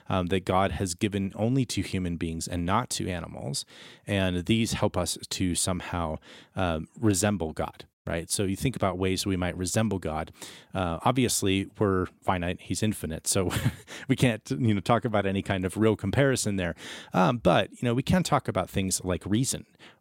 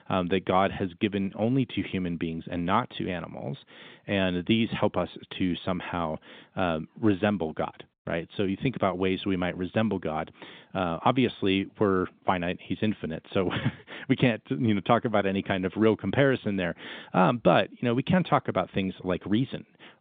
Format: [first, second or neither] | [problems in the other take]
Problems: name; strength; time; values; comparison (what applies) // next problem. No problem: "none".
first | phone-call audio; nothing above 3.5 kHz